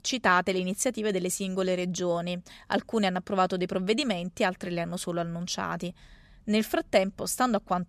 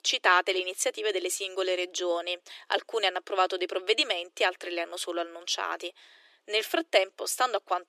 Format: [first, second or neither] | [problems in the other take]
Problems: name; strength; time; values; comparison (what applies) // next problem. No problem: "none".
first | thin; very; fading below 300 Hz